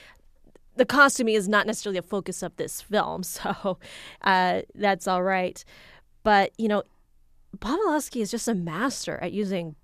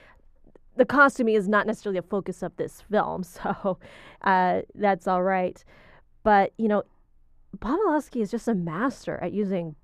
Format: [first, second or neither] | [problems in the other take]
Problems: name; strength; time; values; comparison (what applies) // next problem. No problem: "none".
first | muffled; slightly; fading above 2.5 kHz